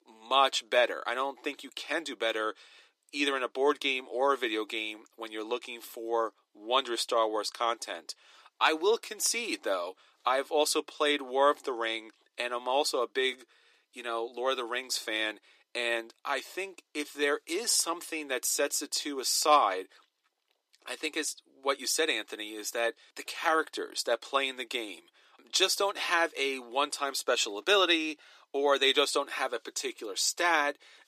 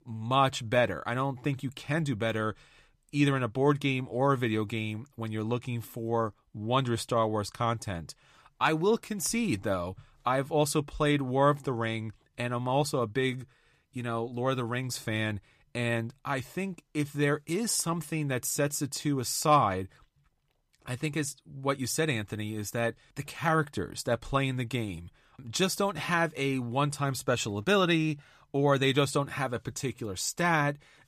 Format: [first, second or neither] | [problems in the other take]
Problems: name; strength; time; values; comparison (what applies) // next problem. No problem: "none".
second | thin; very; fading below 350 Hz